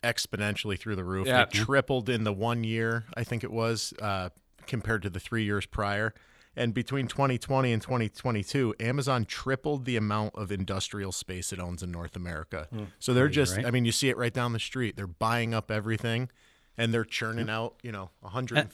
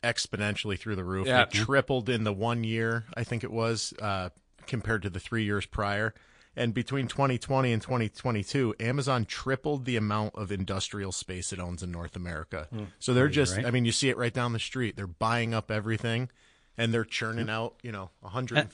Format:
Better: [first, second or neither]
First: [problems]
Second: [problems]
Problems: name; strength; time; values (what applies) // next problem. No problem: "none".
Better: first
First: none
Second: garbled, watery; slightly; nothing above 8.5 kHz